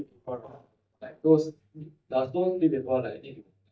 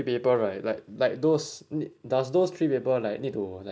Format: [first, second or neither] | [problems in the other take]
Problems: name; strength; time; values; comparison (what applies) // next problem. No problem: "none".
second | noise reduction (neural mask model DeepFilterNet 3)